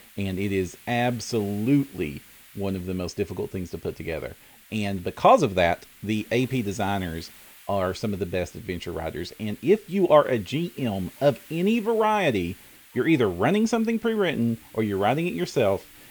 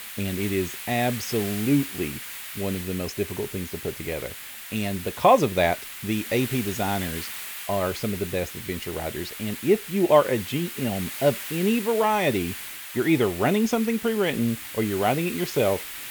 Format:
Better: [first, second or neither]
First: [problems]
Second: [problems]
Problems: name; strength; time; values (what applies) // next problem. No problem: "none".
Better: first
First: hiss; faint; throughout; 20 dB below the speech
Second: hiss; loud; throughout; 9 dB below the speech